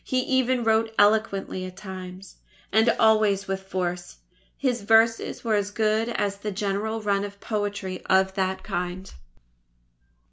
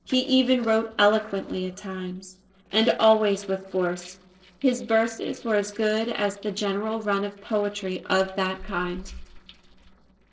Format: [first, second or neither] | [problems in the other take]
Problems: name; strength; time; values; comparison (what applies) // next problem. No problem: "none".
first | noise reduction (neural separator model SepFormer DNS4)